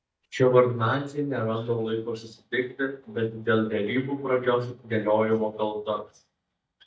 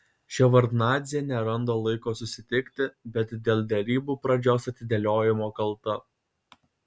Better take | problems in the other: second | noise reduction (neural mask model DeepFilterNet 3)

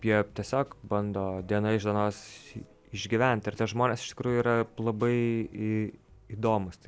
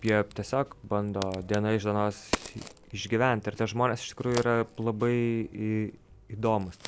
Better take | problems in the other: first | background sound (Crack); 15 dB below the speech

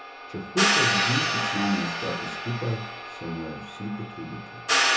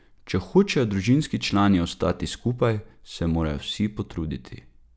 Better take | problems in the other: second | background sound (Hi-hat); 4 dB above the speech // room echo; dies away in 0.6 s

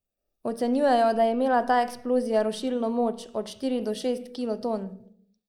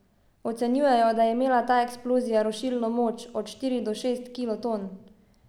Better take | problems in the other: second | noise reduction (neural mask model Resemble Enhance denoiser)

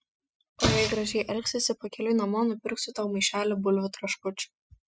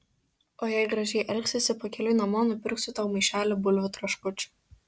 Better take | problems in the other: second | noise reduction (classical method spectral subtraction)

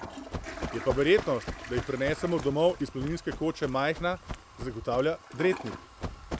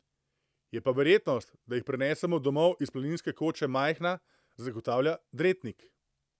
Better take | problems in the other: second | background sound (Toilet flush + Run); 9 dB below the speech

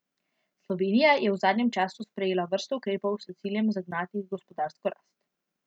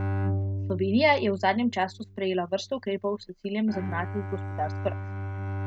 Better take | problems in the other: first | background sound (Bowed string instrument); 5 dB below the speech

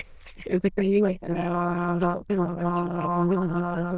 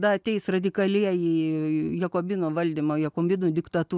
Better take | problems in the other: second | noise reduction (neural diffusion model UNIVERSE++)

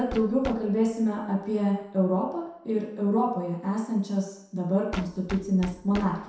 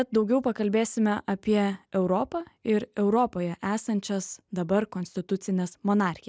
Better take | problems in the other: second | background sound (Knock); 17 dB below the speech // room echo; dies away in 0.7 s

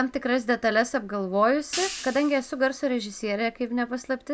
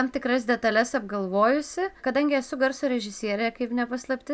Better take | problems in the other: second | background sound (Hi-hat); 12 dB below the speech

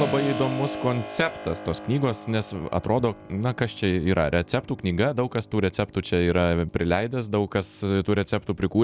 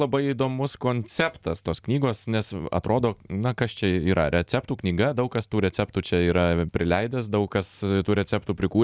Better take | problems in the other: second | background sound (Keyboard (musical)); 13 dB below the speech

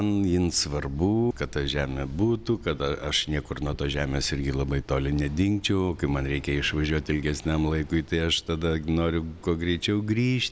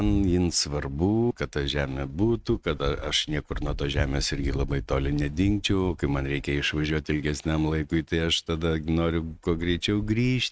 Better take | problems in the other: first | noise reduction (neural mask model RNNoise)

